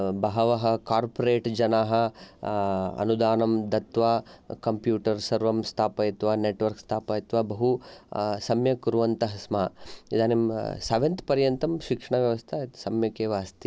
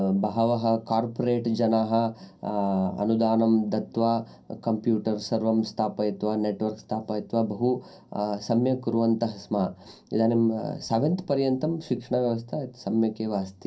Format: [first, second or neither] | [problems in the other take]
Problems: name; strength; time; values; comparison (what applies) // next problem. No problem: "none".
first | room echo; dies away in 0.3 s